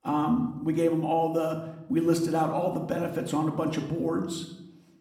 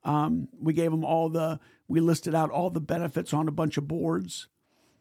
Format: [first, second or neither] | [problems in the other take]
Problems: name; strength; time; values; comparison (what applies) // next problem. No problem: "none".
second | room echo; slight; dies away in 0.7 s // off-mic speech; somewhat distant